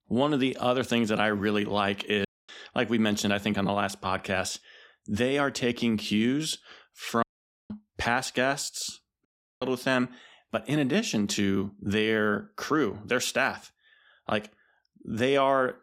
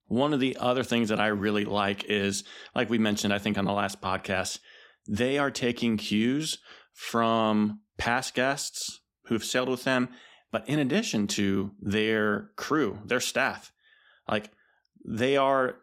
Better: second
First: audio cutting out; at 2.5 s, at 7 s and at 9.5 s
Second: none

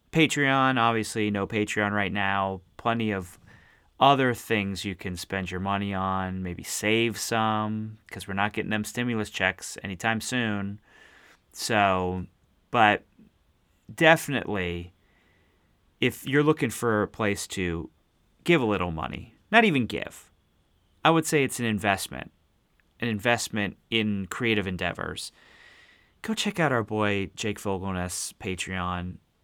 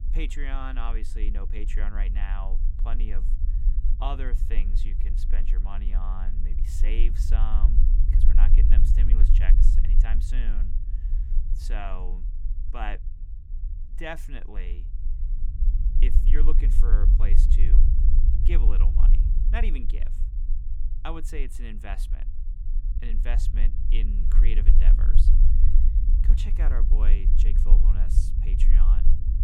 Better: first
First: none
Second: low rumble; loud; throughout; 7 dB below the speech

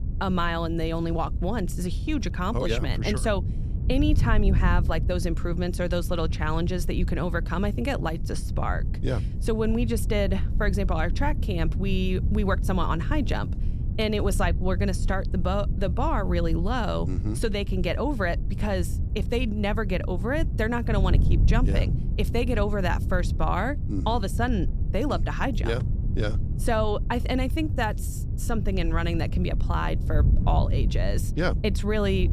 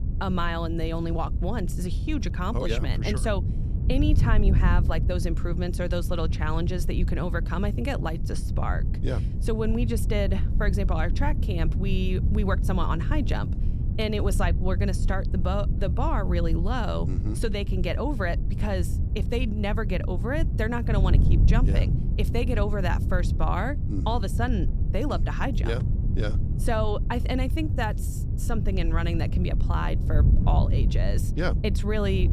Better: first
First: wind noise on the microphone; occasional gusts; 15 dB below the speech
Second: wind noise on the microphone; heavy; 10 dB below the speech

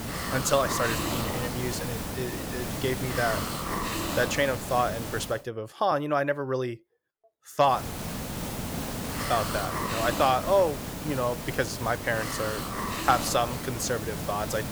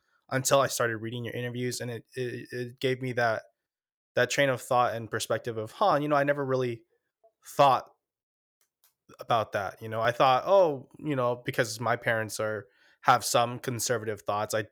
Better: second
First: hiss; loud; until 5.5 s and from 7.5 s on; 4 dB below the speech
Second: none

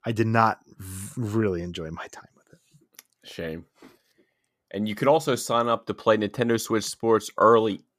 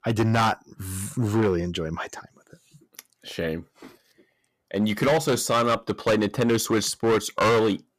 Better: first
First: none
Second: distortion; heavy; 9% of the sound clipped

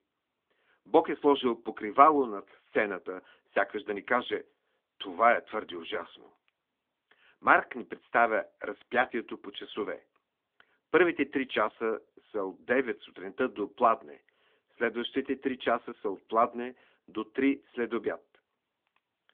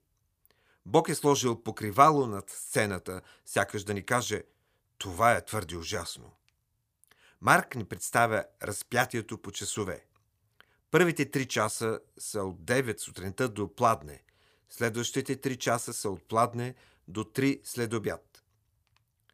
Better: second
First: phone-call audio; nothing above 3.5 kHz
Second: none

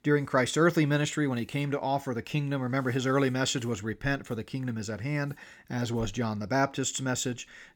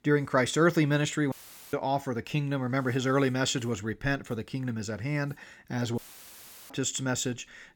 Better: first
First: none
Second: audio cutting out; filled with static; at 1.5 s and at 6 s for 0.5 s

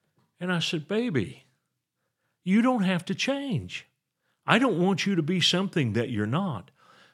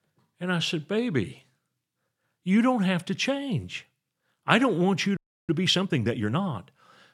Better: first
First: none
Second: audio freezing; at 5 s

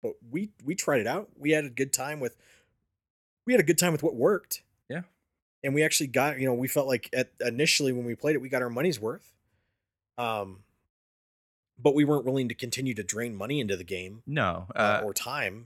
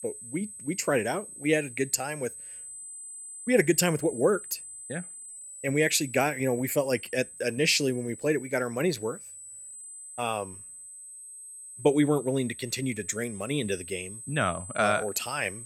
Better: first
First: none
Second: high-pitched whine; noticeable; throughout; 8 kHz, 15 dB below the speech

